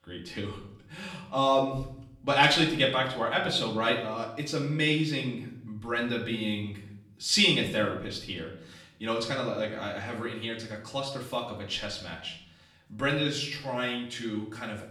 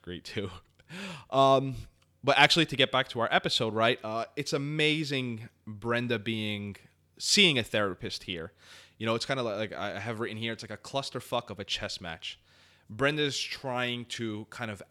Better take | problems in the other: second | room echo; slight; dies away in 0.6 s // off-mic speech; far

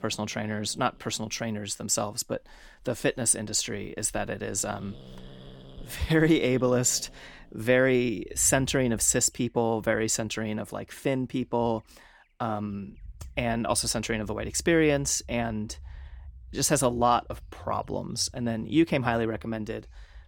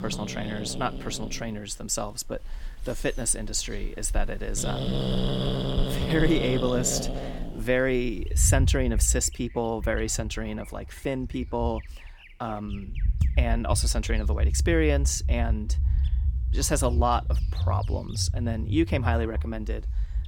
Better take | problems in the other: first | animal sounds; loud; throughout; 1 dB below the speech; faint in the first

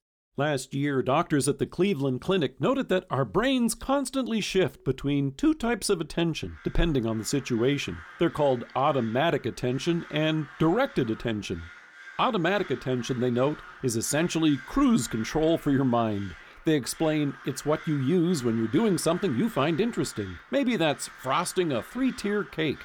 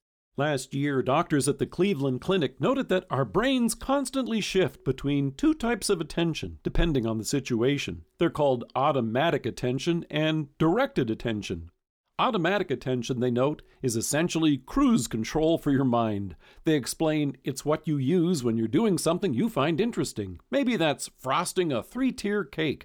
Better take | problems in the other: second | animal sounds; noticeable; from 6.5 s on; 20 dB below the speech

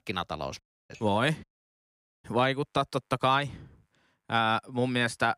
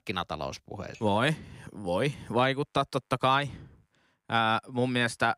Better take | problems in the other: second | audio cutting out; at 0.5 s and at 1.5 s for 1 s

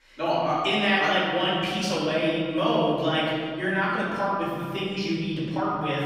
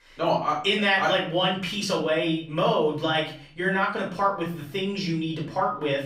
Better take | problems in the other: second | room echo; strong; dies away in 1.9 s; slight in the second // off-mic speech; far; far in the second

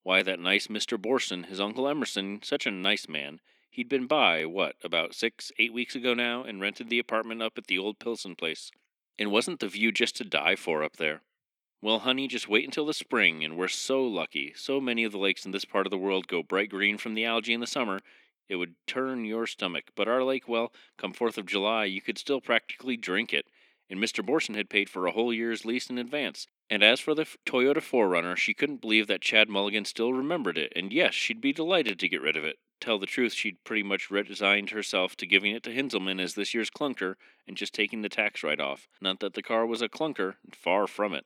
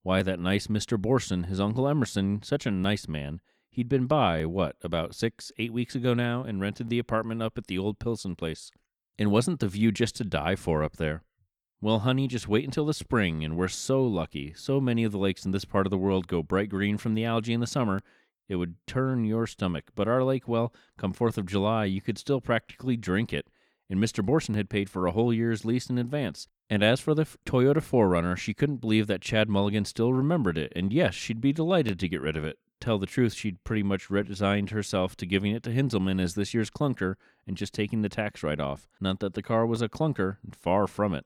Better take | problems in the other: second | thin; very slightly; fading below 250 Hz

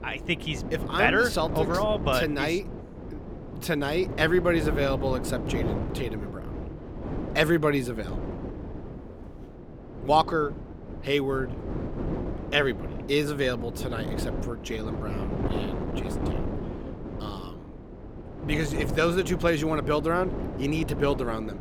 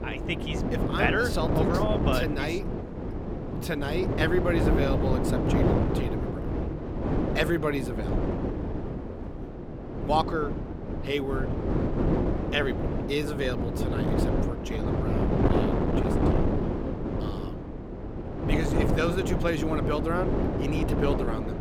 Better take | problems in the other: first | wind noise on the microphone; heavy; 3 dB below the speech; occasional gusts in the first

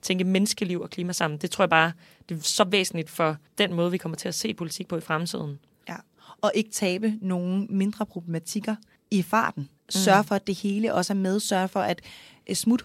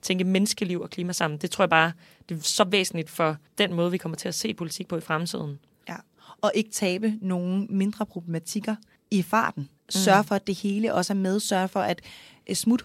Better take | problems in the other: neither | none

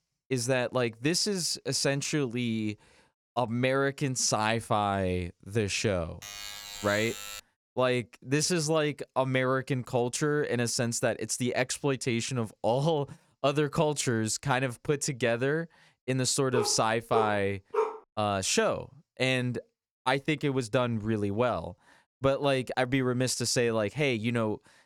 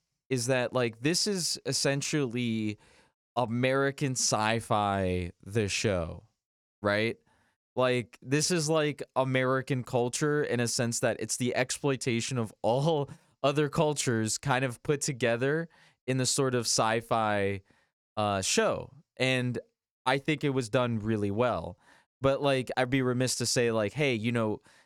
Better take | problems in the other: second | alarm; noticeable; from 6 to 7.5 s; peak 10 dB below the speech // dog barking; noticeable; from 17 to 18 s; peak 3 dB below the speech

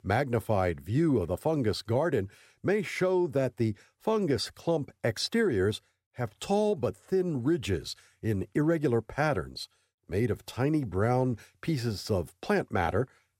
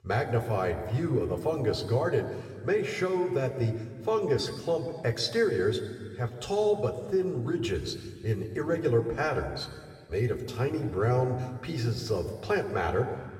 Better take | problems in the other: first | room echo; noticeable; dies away in 1.7 s // off-mic speech; somewhat distant

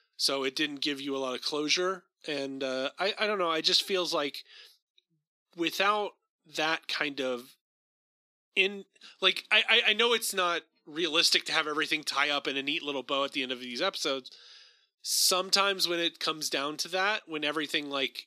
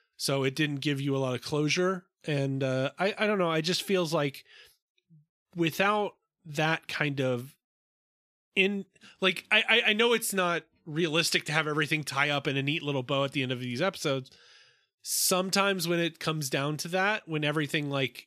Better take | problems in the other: second | thin; very slightly; fading below 250 Hz

